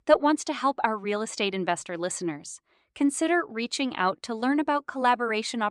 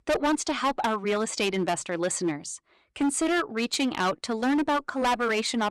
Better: first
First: none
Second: distortion; heavy; 15% of the sound clipped

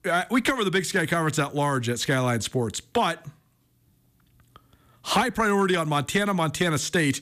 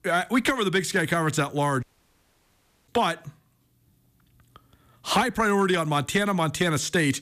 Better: first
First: none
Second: audio cutting out; at 2 s for 1 s

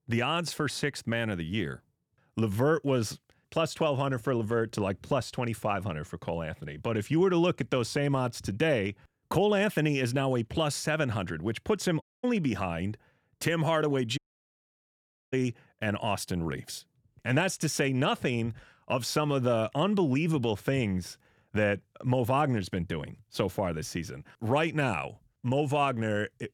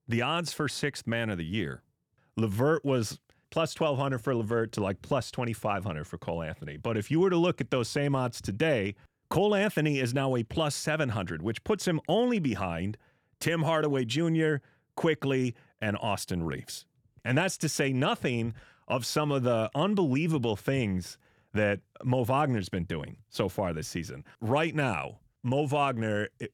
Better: second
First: audio cutting out; at 12 s and at 14 s for 1 s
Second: none

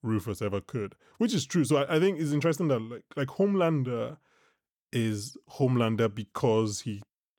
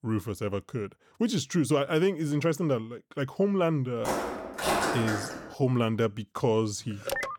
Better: first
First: none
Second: footsteps; loud; from 4 to 5.5 s; peak 2 dB above the speech // phone ringing; noticeable; at 7 s; peak 3 dB below the speech

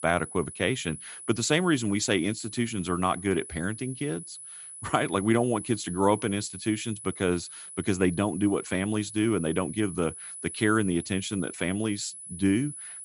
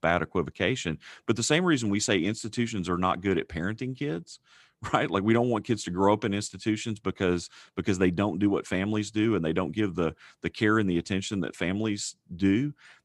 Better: second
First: high-pitched whine; noticeable; throughout; 10 kHz, 10 dB below the speech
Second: none

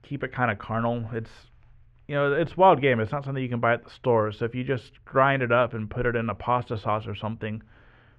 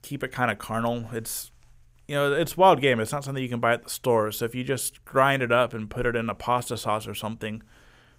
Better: second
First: muffled; very; fading above 2.5 kHz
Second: none

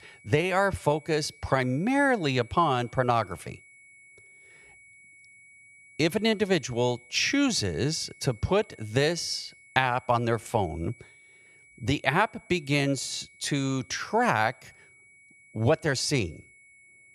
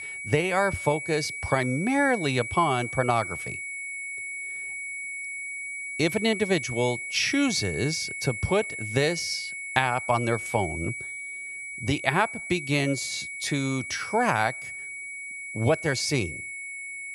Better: first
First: high-pitched whine; faint; throughout; 2.5 kHz, 25 dB below the speech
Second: high-pitched whine; loud; throughout; 2.5 kHz, 7 dB below the speech

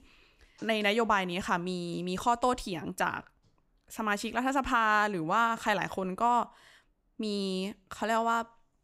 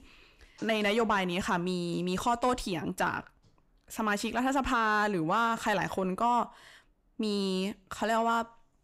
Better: first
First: none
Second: distortion; slight; 10 dB below the speech

